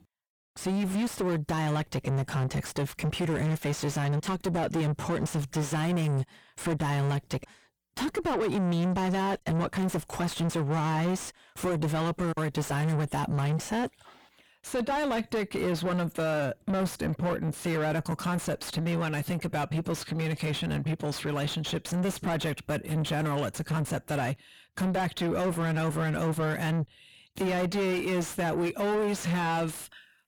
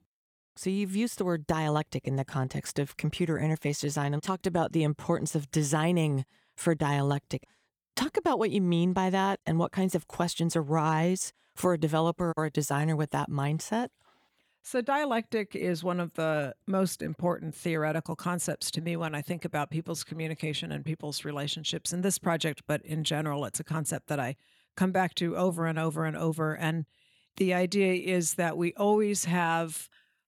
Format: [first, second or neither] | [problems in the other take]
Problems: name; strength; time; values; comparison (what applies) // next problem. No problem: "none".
second | distortion; heavy; 5 dB below the speech